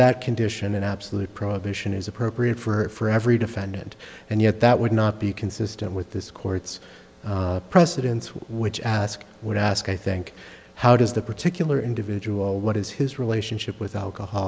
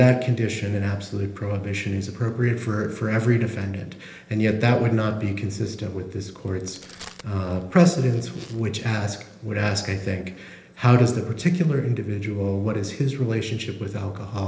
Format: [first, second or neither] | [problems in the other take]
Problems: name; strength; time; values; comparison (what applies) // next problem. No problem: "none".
first | noise reduction (neural separator model SepFormer DNS4)